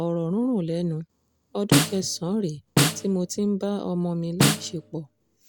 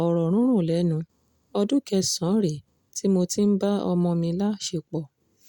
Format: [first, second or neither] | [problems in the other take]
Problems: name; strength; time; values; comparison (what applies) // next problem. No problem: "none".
second | background sound (Snare drum); 1 dB above the speech